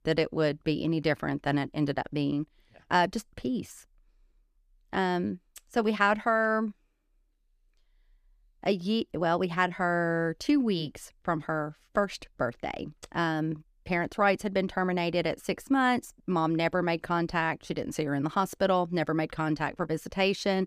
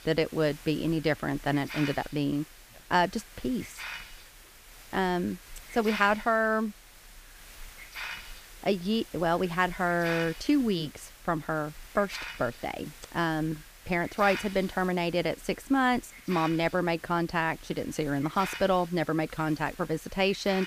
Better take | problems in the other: first | hiss; noticeable; throughout; 15 dB below the speech

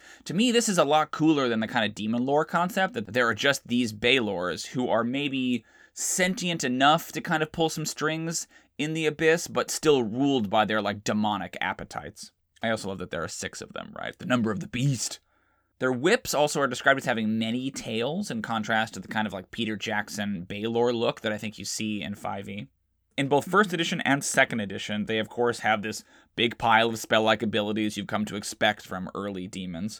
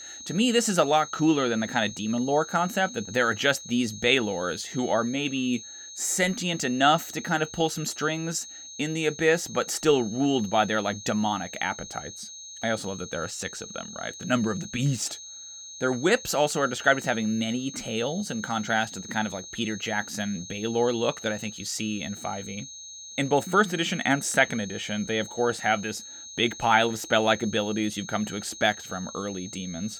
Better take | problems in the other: first | high-pitched whine; noticeable; throughout; 6.5 kHz, 15 dB below the speech

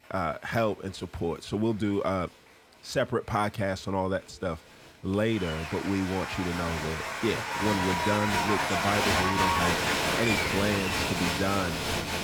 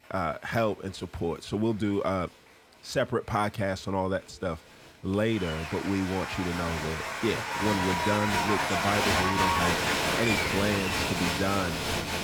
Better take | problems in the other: neither | crowd noise; very loud; throughout; 2 dB above the speech; the same in both

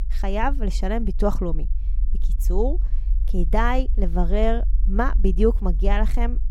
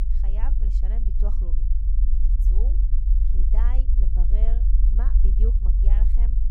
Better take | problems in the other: first | low rumble; loud; throughout; 1 dB below the speech; faint in the first

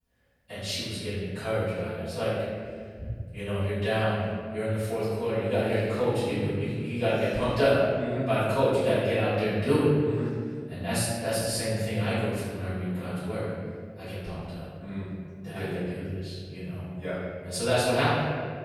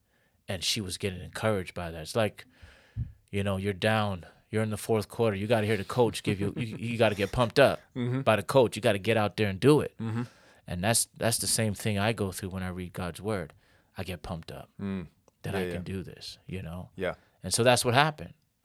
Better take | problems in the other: second | off-mic speech; far // room echo; strong; dies away in 1.9 s

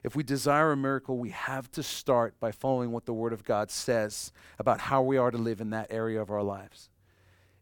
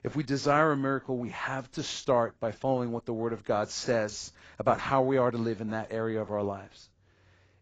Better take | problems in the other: first | garbled, watery; badly; nothing above 7.5 kHz

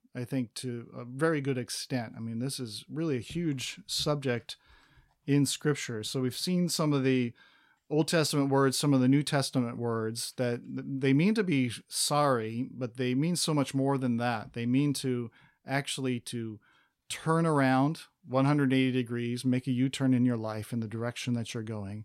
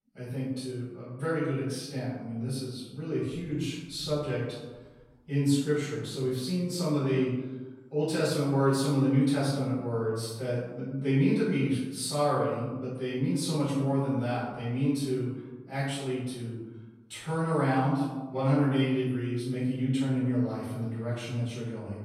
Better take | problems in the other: first | off-mic speech; far // room echo; noticeable; dies away in 1 s

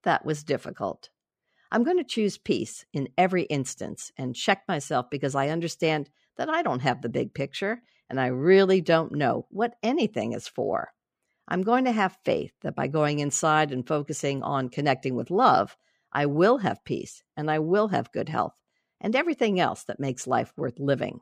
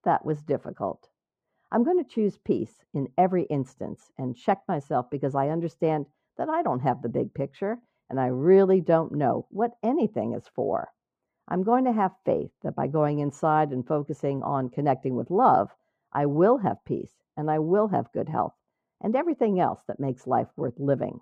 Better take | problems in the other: first | muffled; very; fading above 1.5 kHz

